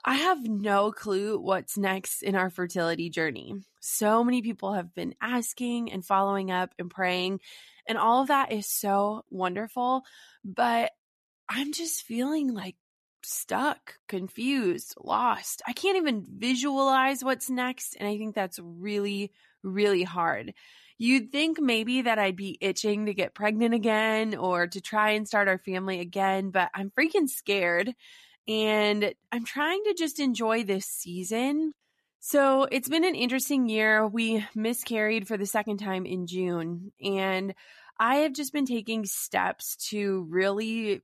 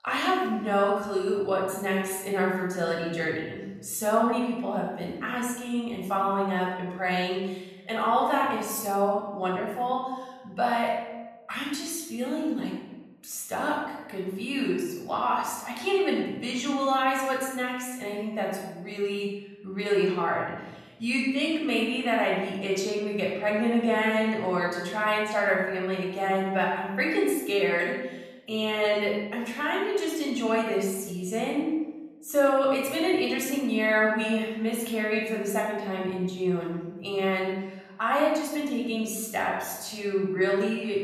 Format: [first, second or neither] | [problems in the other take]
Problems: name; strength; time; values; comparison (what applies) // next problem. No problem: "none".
first | room echo; noticeable; dies away in 1 s // off-mic speech; far